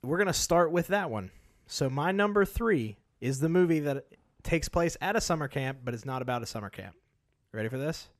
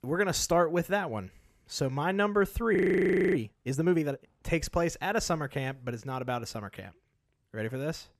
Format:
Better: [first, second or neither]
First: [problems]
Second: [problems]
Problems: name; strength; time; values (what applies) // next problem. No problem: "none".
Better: first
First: none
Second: audio freezing; at 3 s for 0.5 s